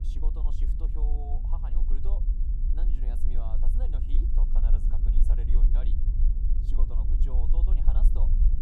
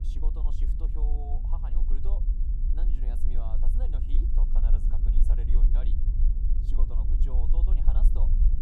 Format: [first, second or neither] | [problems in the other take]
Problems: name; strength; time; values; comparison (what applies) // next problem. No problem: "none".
neither | low rumble; loud; throughout; 1 dB below the speech; the same in both